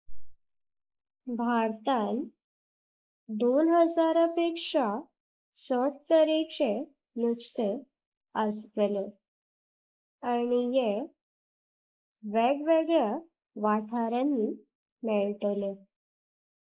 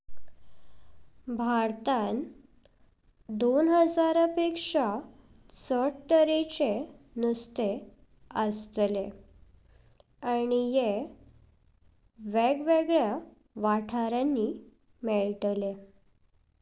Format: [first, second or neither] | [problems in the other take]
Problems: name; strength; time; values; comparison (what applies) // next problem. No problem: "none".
second | noise reduction (neural mask model Resemble Enhance denoiser)